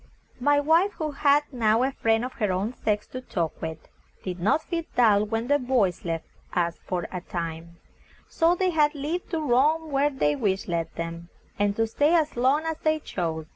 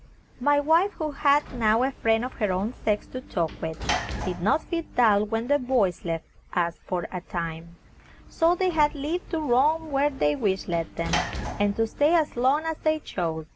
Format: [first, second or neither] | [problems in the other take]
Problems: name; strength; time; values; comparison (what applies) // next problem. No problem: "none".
first | background sound (Sliding door / Slam); 13 dB below the speech